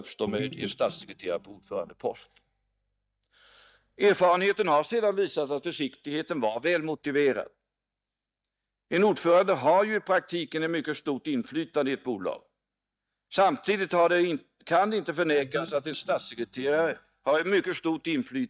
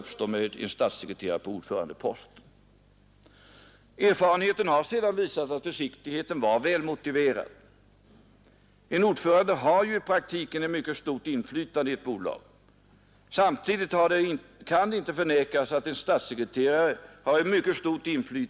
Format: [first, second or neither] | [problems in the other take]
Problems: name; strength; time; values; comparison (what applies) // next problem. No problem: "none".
second | noise reduction (neural mask model DeepFilterNet 3)